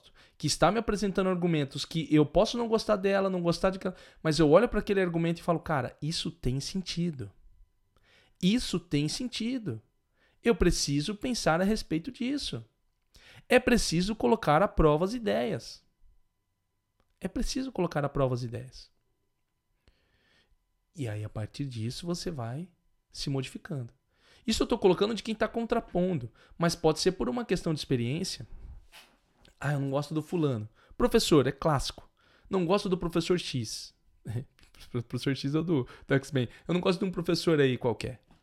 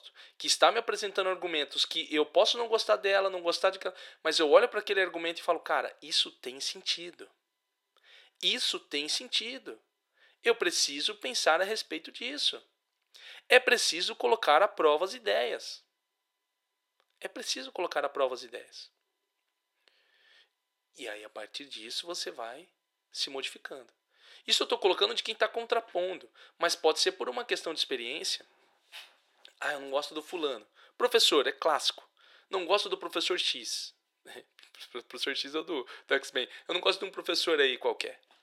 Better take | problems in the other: first | thin; very; fading below 400 Hz

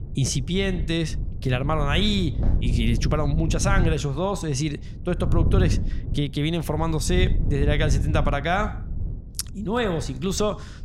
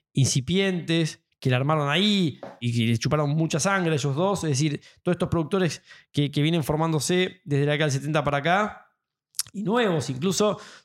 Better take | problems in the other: second | wind noise on the microphone; occasional gusts; 15 dB below the speech

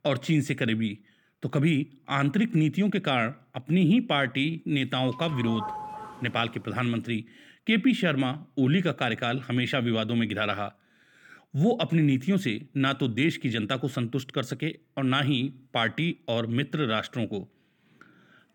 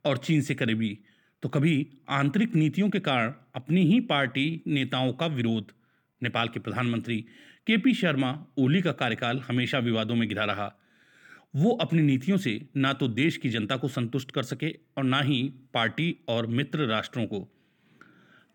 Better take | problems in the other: second | doorbell; noticeable; from 5 to 6.5 s; peak 8 dB below the speech

